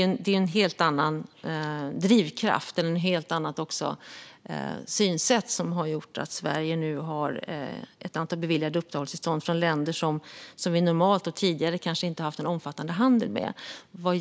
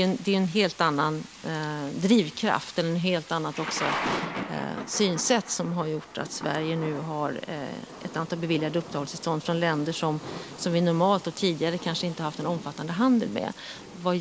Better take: first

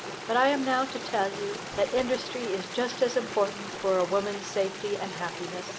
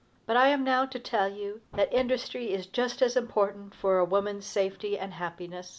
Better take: second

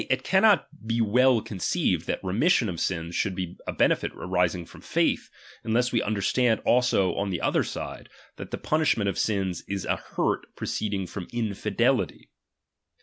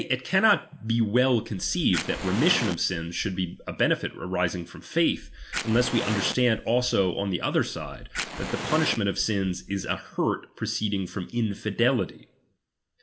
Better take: first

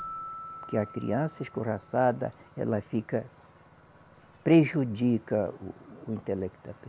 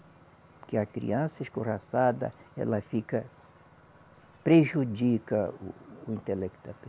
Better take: second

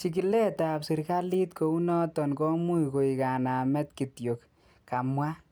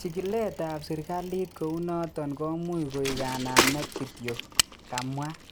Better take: first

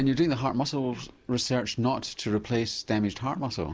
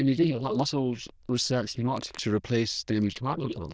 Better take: first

